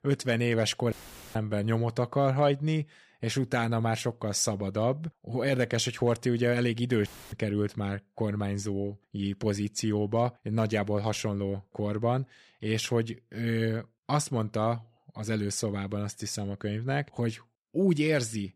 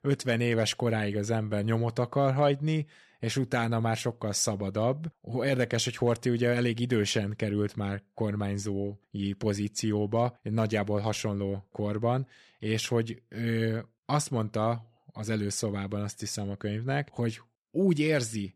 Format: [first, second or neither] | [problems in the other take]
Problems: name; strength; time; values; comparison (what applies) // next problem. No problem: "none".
second | audio cutting out; filled with static; at 1 s and at 7 s